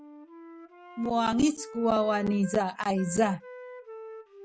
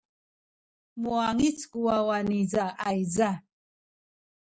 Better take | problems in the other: second | background sound (Wind instrument, woodwind instrument); 16 dB below the speech

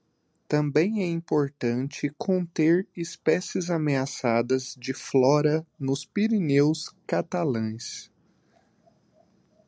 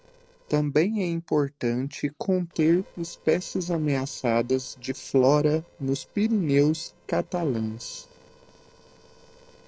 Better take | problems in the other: first | noise reduction (neural separator model SepFormer DNS4)

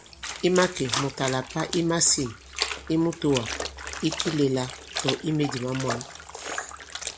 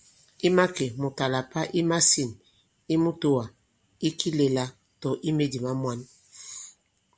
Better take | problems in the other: second | background sound (Trickle, dribble / Splash, splatter); 7 dB below the speech

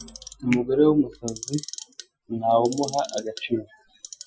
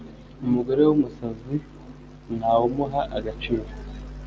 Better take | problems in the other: second | noise reduction (classical method Wiener filter)

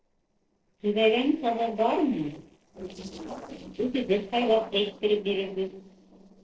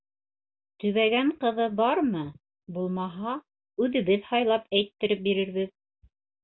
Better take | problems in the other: second | noise reduction (neural separator model SepFormer DNS4)

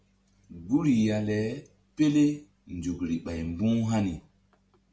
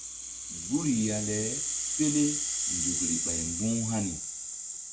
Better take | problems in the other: first | background sound (Rattle (instrument)); as loud as the speech

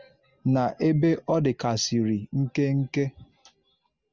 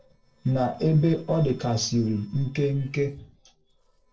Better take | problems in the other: first | noise reduction (neural separator model SepFormer DNS4)

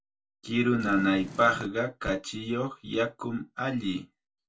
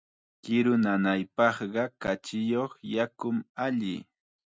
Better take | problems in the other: second | background sound (Purr); 12 dB below the speech // room echo; dies away in 0.2 s

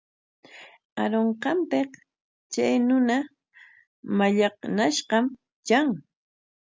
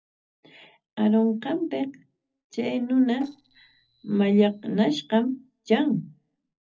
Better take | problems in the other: first | noise reduction (neural separator model SepFormer DNS4)

